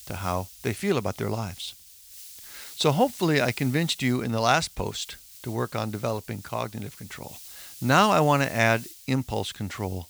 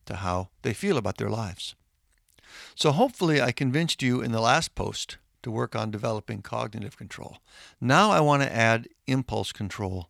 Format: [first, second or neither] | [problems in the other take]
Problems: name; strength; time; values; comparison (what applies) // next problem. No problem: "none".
second | hiss; noticeable; throughout; 20 dB below the speech